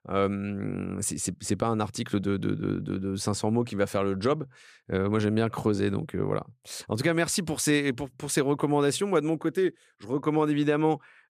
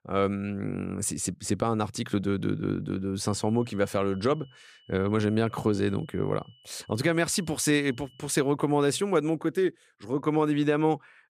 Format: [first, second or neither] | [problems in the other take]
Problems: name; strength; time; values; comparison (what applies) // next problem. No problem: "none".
first | high-pitched whine; faint; from 3.5 to 8.5 s; 3 kHz, 30 dB below the speech